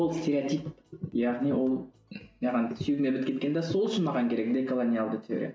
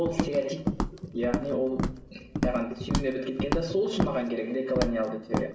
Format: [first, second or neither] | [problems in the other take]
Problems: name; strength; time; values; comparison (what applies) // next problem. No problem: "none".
first | background sound (Walk, footsteps); 2 dB below the speech // room echo; dies away in 2.3 s